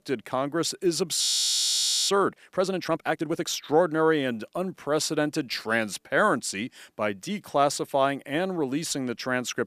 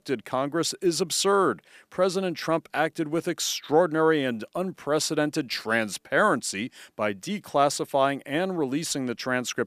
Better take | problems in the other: second | audio freezing; at 1 s for 1 s

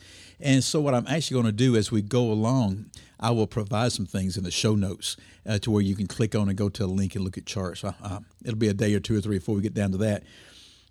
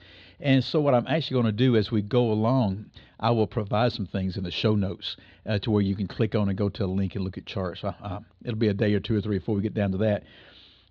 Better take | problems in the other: first | muffled; slightly; fading above 4 kHz

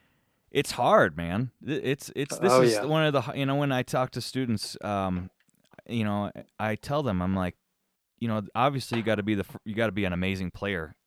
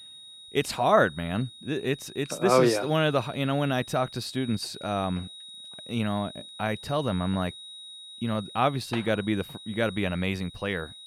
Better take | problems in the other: first | high-pitched whine; noticeable; throughout; 4 kHz, 15 dB below the speech

